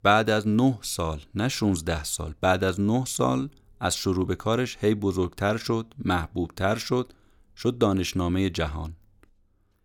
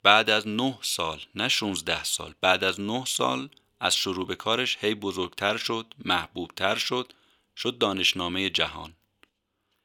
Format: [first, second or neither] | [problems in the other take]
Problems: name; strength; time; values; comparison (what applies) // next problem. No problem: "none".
first | thin; somewhat; fading below 500 Hz